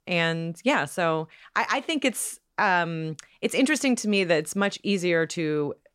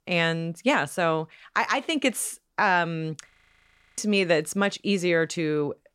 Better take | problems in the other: first | audio freezing; at 3.5 s for 0.5 s

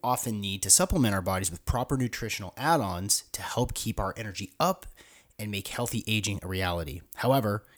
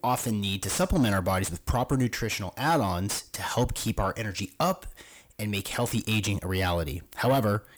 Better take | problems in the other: first | distortion; heavy; 7 dB below the speech

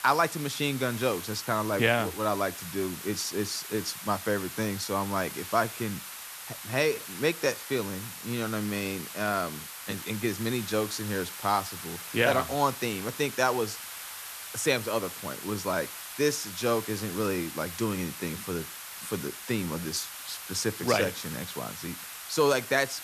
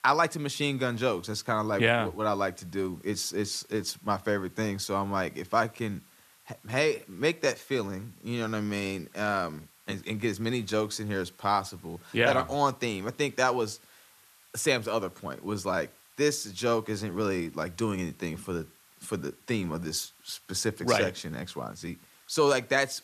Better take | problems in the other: second | hiss; loud; throughout; 9 dB below the speech; faint in the second

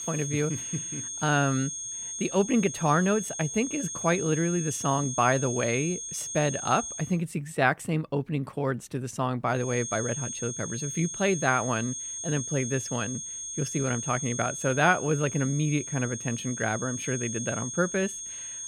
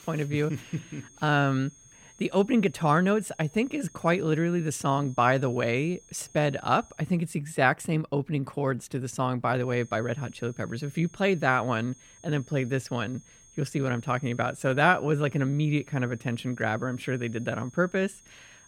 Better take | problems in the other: second | high-pitched whine; loud; until 7 s and from 9.5 s on; 6.5 kHz, 5 dB below the speech; faint in the second

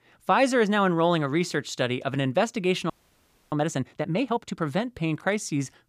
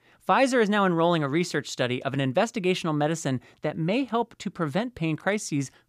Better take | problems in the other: second | audio freezing; at 3 s for 0.5 s

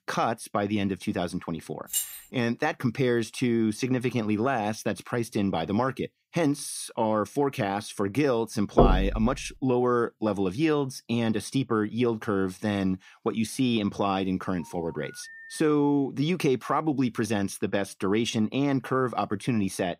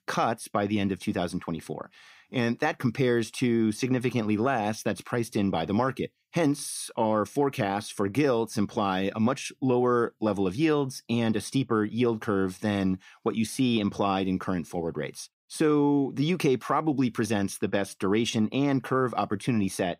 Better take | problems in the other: second | jangling keys; noticeable; at 2 s; peak 2 dB below the speech // door banging; loud; at 9 s; peak 5 dB above the speech // phone ringing; faint; from 15 to 16 s; peak 15 dB below the speech

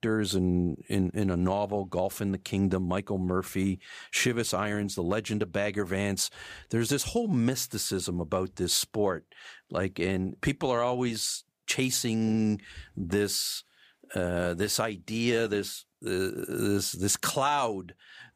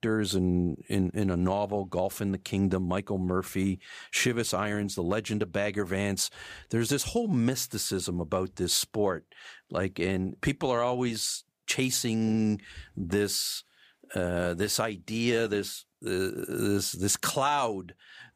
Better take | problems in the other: neither | none

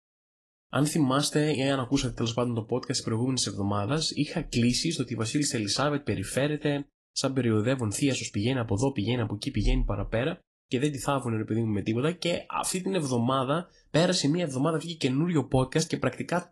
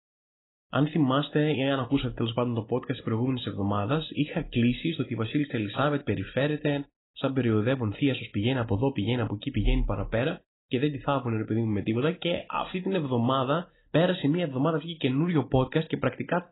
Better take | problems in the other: first | garbled, watery; badly; nothing above 4 kHz; slightly in the first

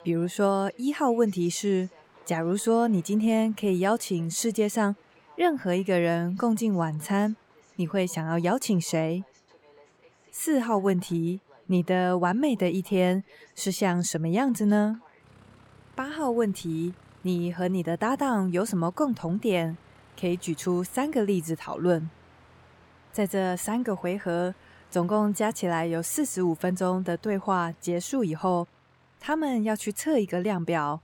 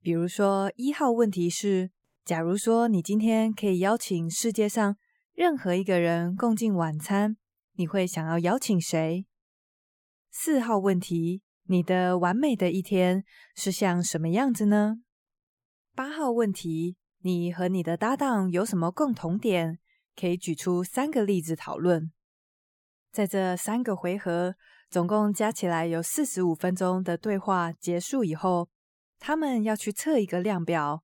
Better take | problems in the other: second | train or aircraft noise; faint; throughout; 30 dB below the speech

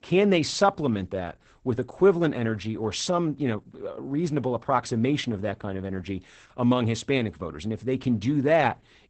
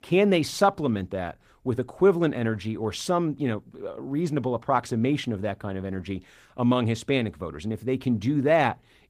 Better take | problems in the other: second | garbled, watery; badly; nothing above 8 kHz; slightly in the second

